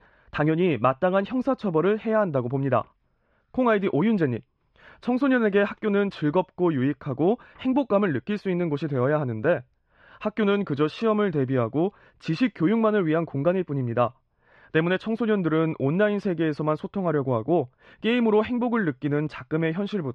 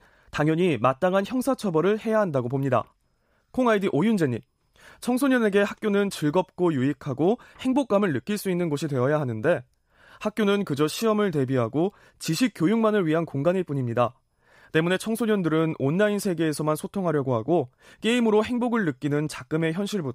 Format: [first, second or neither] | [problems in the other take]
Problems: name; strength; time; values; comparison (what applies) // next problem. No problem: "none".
second | muffled; slightly; fading above 3 kHz